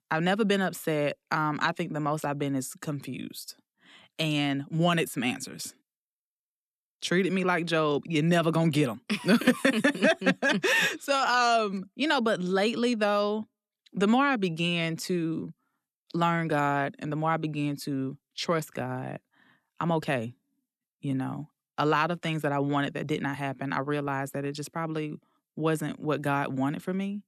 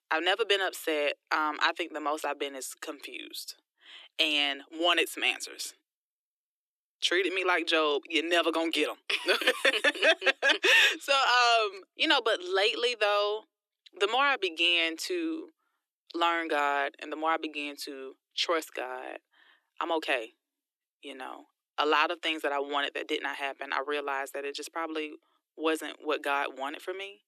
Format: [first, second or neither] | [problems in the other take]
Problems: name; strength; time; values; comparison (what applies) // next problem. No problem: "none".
first | thin; very; fading below 300 Hz